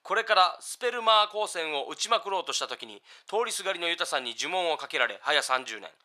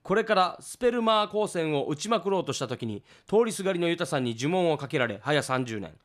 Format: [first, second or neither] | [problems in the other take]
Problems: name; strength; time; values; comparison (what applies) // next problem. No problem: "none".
second | thin; very; fading below 850 Hz